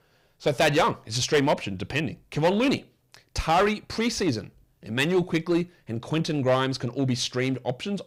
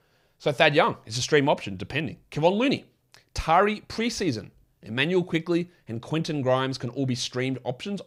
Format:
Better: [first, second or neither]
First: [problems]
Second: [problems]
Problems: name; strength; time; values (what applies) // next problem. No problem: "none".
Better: second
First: distortion; slight; 5% of the sound clipped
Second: none